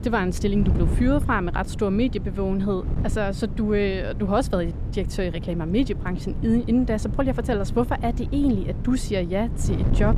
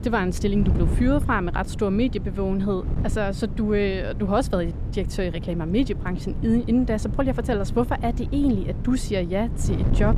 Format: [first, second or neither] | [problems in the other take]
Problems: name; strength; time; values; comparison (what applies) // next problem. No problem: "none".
neither | wind noise on the microphone; occasional gusts; 15 dB below the speech; the same in both